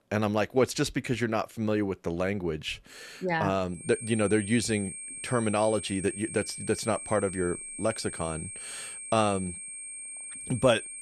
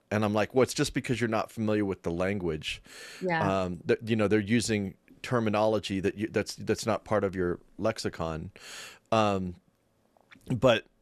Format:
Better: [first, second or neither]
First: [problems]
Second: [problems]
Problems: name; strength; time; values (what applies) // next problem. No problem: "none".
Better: second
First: high-pitched whine; loud; from 4 s on; 8.5 kHz, 9 dB below the speech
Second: none